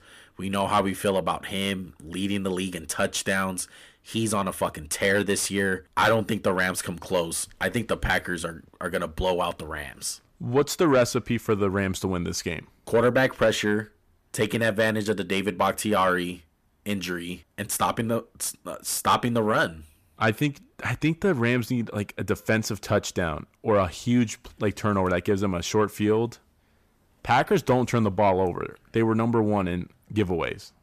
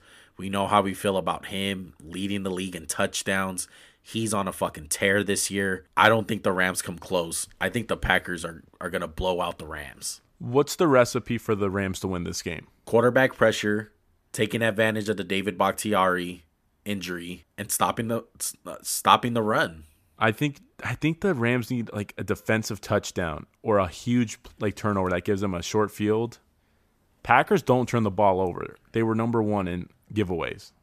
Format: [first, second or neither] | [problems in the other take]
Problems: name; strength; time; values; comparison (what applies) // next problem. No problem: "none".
second | distortion; slight; 10 dB below the speech